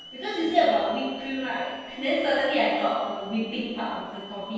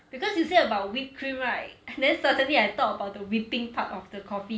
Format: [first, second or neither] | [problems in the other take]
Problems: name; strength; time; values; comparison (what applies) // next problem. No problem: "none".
second | background sound (Hiss / Alarm); 18 dB below the speech // room echo; dies away in 1.2 s